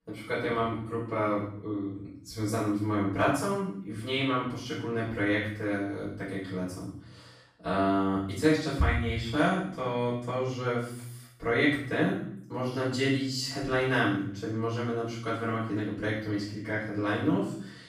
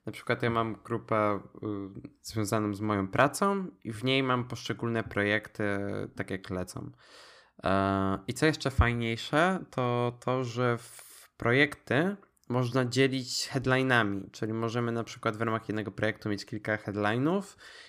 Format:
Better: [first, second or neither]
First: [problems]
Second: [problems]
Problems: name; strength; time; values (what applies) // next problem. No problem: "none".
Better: second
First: off-mic speech; far // room echo; noticeable; dies away in 0.6 s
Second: none